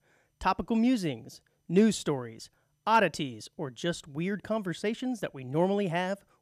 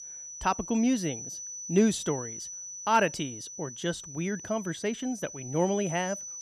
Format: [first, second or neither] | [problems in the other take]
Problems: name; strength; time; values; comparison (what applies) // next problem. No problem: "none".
first | high-pitched whine; loud; throughout; 6 kHz, 9 dB below the speech